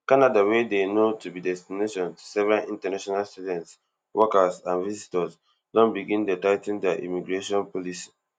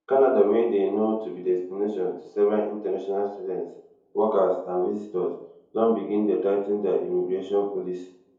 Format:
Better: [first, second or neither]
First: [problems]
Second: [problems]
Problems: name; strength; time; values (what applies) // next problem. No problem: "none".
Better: first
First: none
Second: room echo; dies away in 2.6 s